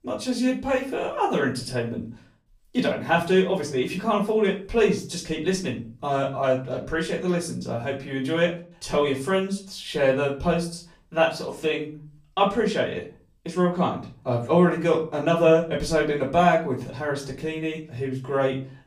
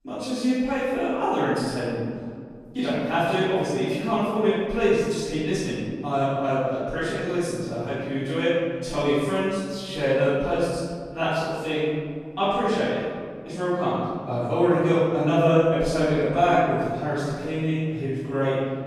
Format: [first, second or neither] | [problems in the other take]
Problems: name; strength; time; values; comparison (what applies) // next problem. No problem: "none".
first | room echo; strong; dies away in 2 s; slight in the first // off-mic speech; far; far in the first